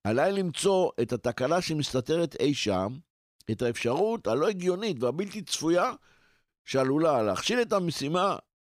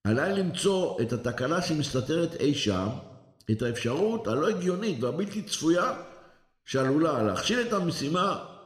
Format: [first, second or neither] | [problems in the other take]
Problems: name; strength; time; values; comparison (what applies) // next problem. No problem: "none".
first | room echo; very slight; dies away in 0.9 s